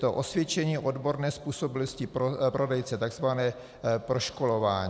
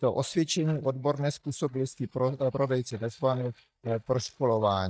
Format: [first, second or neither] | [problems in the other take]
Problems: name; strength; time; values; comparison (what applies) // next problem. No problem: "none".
first | noise reduction (neural mask model DeepFilterNet 3)